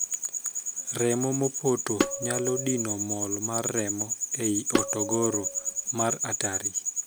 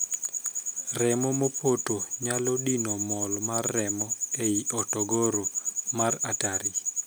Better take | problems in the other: second | background sound (Tabla); 4 dB below the speech

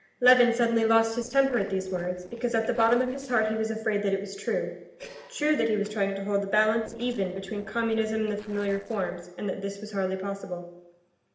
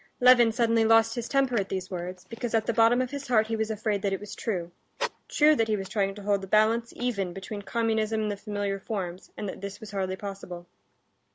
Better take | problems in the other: second | noise reduction (neural separator model SepFormer DNS4)

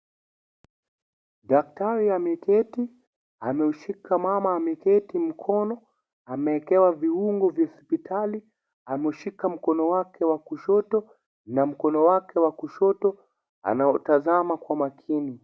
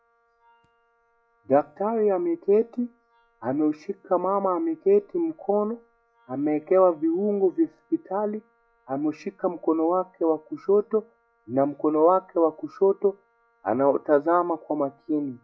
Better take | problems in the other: first | noise reduction (classical method log-MMSE)

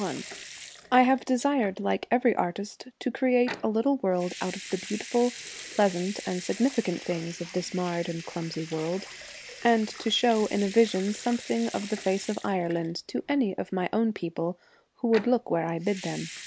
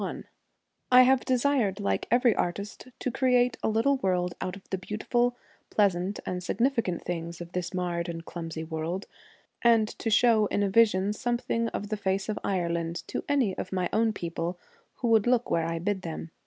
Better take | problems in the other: second | background sound (Sink (filling or washing) / Water tap, faucet / Liquid); 16 dB below the speech

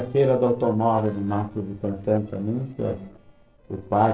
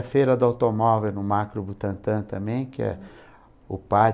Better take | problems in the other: second | noise reduction (neural separator model SepFormer DNS4)

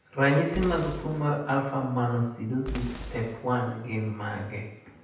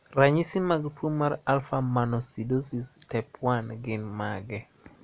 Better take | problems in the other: second | background sound (Boom); 12 dB below the speech // room echo; dies away in 0.9 s

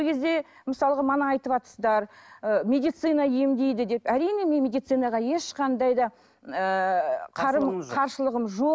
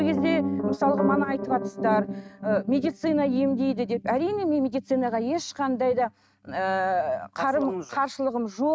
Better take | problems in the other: first | noise reduction (neural mask model RNNoise)

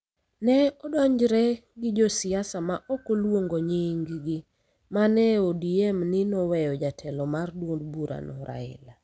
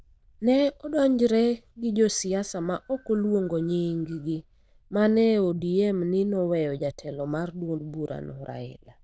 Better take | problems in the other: first | noise reduction (neural diffusion model UNIVERSE++)

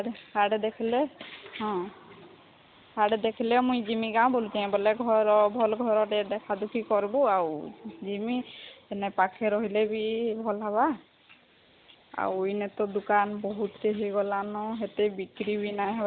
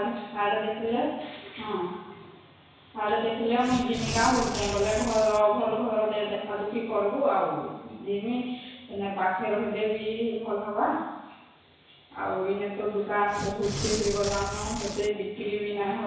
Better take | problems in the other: first | background sound (Tearing); 6 dB below the speech // room echo; dies away in 1.1 s

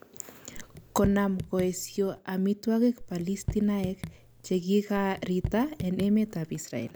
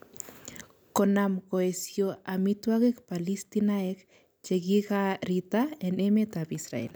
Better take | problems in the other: second | background sound (Raindrop / Drip); 11 dB below the speech

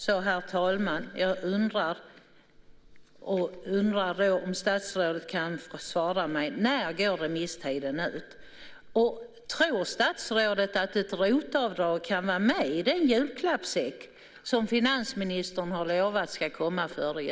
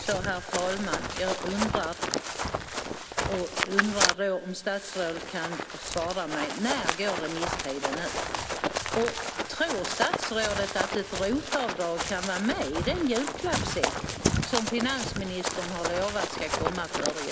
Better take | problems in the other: first | background sound (Run); as loud as the speech

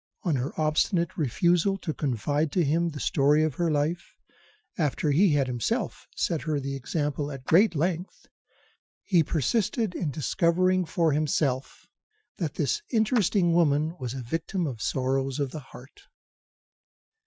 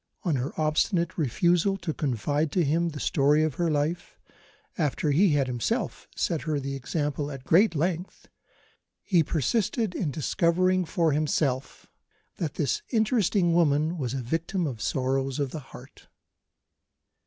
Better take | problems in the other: second | noise reduction (classical method Wiener filter)

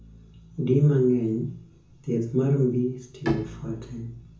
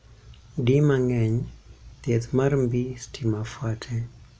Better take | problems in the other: second | background sound (Bowed string instrument); 15 dB below the speech // room echo; dies away in 0.6 s

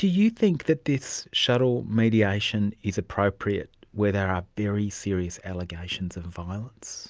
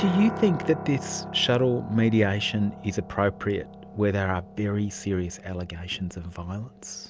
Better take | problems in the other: first | background sound (Piano); 13 dB below the speech

